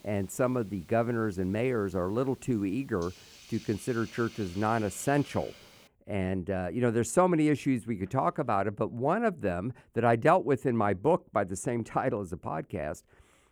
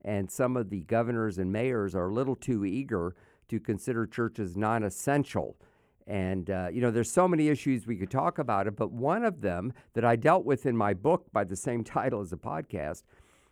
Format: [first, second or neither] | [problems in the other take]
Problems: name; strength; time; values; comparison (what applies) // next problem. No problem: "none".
second | hiss; faint; until 6 s; 20 dB below the speech